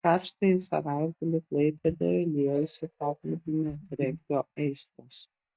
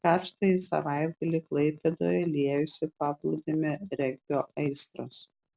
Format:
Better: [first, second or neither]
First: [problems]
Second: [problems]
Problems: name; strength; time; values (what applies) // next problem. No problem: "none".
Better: second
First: noise reduction (neural mask model DeepFilterNet 3)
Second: none